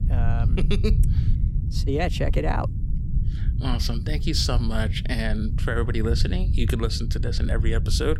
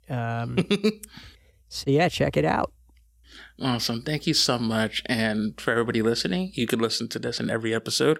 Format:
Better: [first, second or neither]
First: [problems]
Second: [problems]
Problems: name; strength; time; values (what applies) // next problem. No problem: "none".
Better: second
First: low rumble; noticeable; throughout; 10 dB below the speech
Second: none